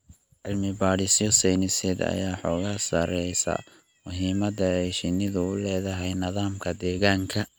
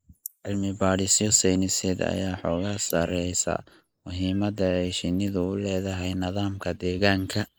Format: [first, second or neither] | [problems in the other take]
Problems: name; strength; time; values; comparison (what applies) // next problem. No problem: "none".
first | noise reduction (neural mask model Resemble Enhance denoiser)